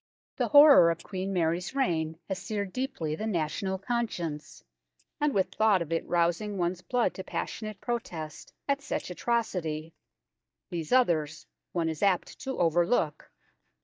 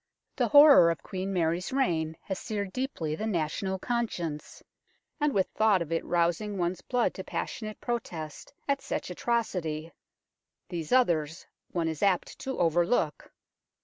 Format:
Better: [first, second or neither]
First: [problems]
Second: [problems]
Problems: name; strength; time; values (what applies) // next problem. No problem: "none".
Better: second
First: noise reduction (neural mask model DeepFilterNet 3)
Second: none